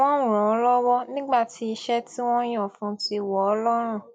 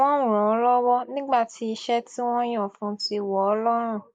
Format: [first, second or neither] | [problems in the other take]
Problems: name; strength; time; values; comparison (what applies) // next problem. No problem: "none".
first | noise reduction (neural mask model Resemble Enhance denoiser)